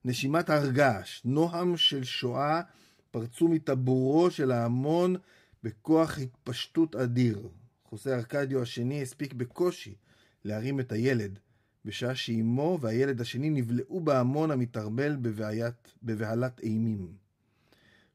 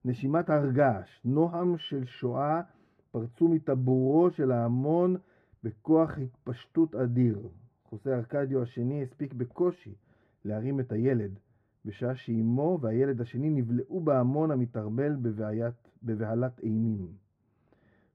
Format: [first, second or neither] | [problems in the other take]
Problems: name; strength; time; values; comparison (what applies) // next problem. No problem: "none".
first | muffled; very; fading above 2.5 kHz